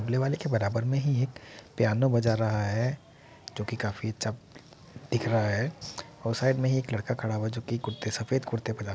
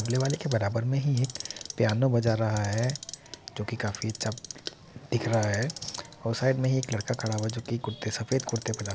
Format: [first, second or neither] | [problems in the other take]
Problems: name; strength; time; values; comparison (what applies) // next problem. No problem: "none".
first | background sound (Clock); 14 dB below the speech